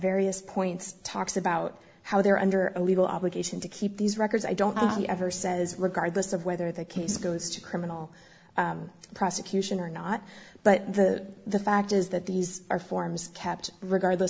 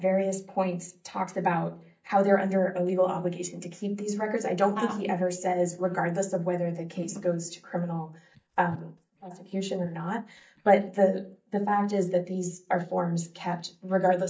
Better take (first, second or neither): first